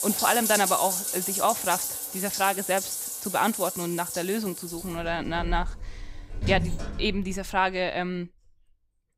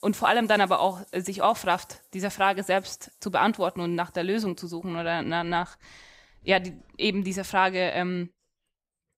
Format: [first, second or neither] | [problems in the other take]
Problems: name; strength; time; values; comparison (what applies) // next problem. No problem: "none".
second | household noises; loud; throughout; 2 dB below the speech; faint in the second